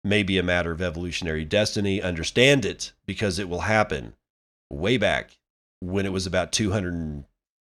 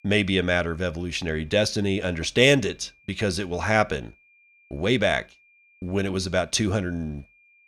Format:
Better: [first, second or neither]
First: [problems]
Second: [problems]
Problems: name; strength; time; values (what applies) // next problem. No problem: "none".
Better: first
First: none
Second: high-pitched whine; faint; throughout; 2.5 kHz, 35 dB below the speech